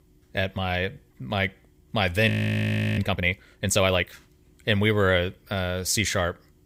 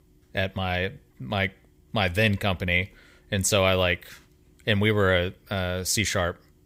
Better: second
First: audio freezing; at 2.5 s for 0.5 s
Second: none

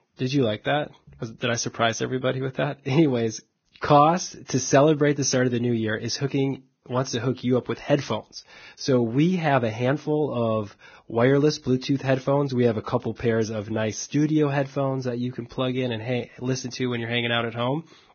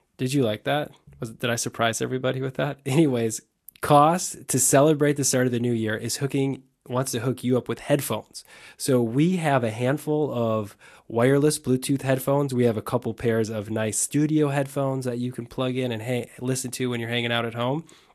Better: second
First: garbled, watery; badly; nothing above 6.5 kHz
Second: garbled, watery; slightly; nothing above 12.5 kHz

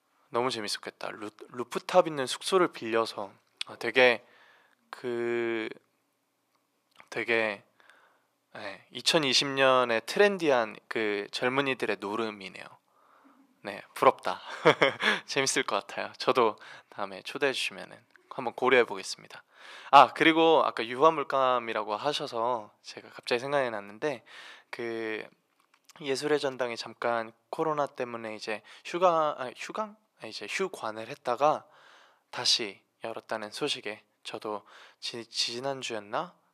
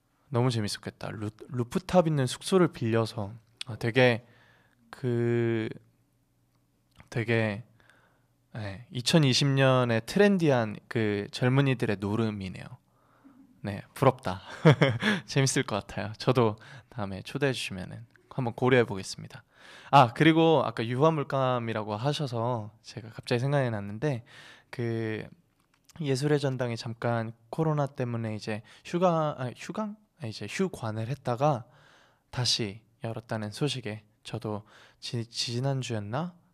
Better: second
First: thin; somewhat; fading below 400 Hz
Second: none

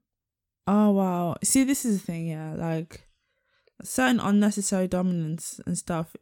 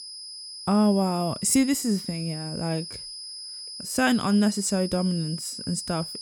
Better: first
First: none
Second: high-pitched whine; noticeable; throughout; 5 kHz, 10 dB below the speech

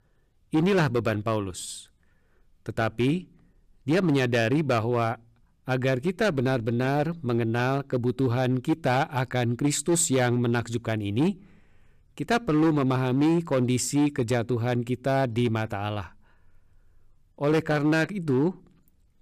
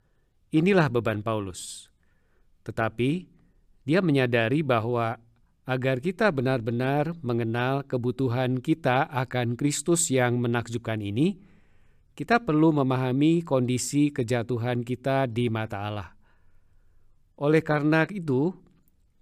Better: second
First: distortion; slight; 6% of the sound clipped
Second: none

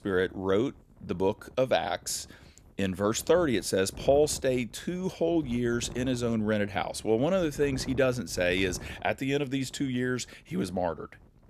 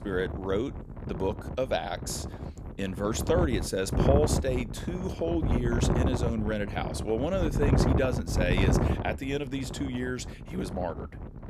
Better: first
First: wind noise on the microphone; occasional gusts; 25 dB below the speech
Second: wind noise on the microphone; heavy; 4 dB below the speech

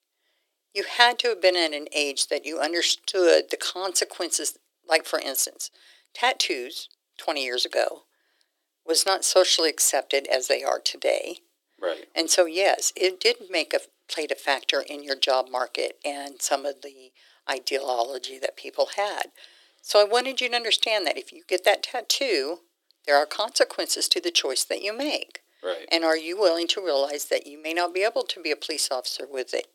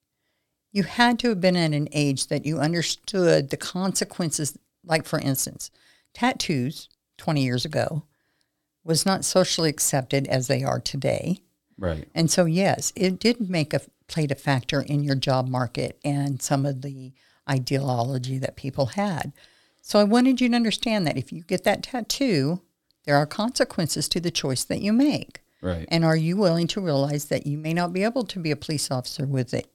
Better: second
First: thin; very; fading below 350 Hz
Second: none

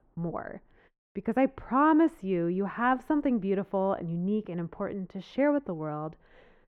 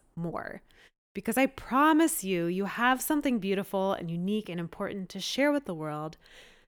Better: second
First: muffled; very; fading above 3.5 kHz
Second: none

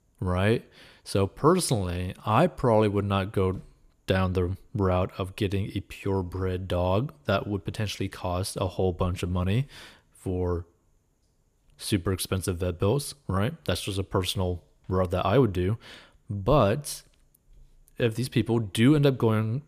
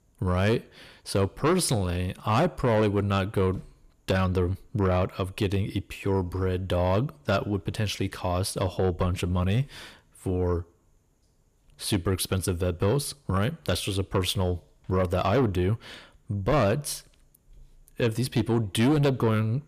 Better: first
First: none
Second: distortion; slight; 10 dB below the speech

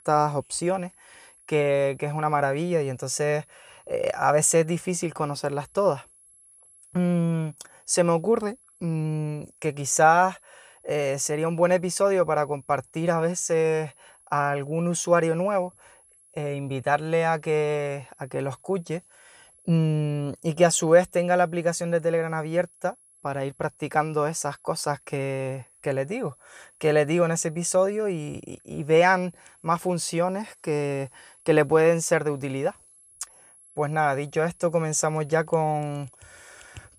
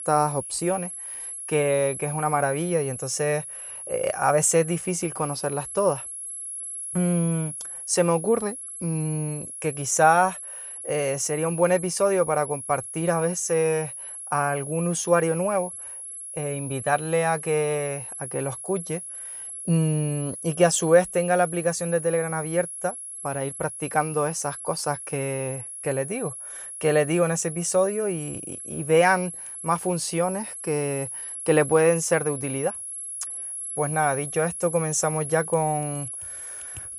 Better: first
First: high-pitched whine; faint; throughout; 11 kHz, 30 dB below the speech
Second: high-pitched whine; loud; throughout; 11 kHz, 8 dB below the speech

